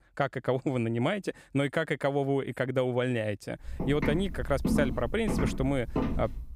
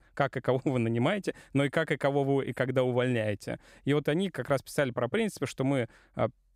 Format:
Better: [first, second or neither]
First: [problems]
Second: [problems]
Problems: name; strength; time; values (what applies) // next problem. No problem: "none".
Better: second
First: footsteps; loud; from 3.5 s on; peak 1 dB above the speech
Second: none